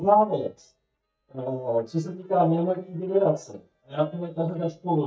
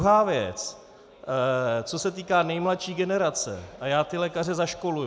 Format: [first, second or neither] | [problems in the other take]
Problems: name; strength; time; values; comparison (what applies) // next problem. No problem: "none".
second | noise reduction (neural mask model DeepFilterNet 3)